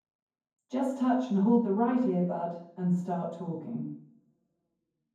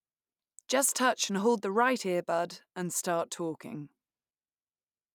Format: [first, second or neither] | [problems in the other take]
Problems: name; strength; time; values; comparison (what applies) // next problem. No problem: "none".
second | room echo; dies away in 0.9 s